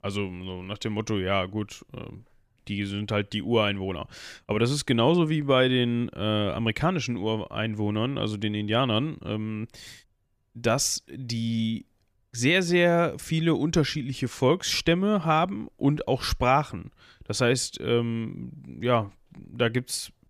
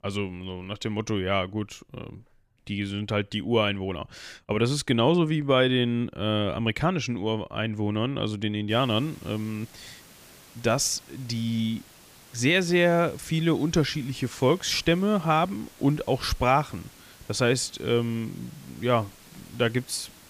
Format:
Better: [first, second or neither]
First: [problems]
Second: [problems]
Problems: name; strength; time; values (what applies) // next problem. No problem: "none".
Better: first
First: none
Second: hiss; faint; from 8.5 s on; 25 dB below the speech